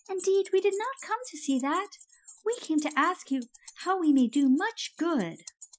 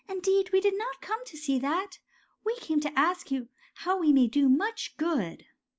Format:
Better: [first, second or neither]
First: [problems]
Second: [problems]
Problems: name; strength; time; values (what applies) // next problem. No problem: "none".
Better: second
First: noise reduction (classical method Wiener filter)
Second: none